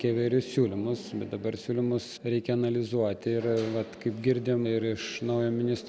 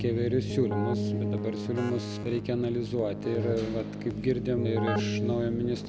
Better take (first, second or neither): first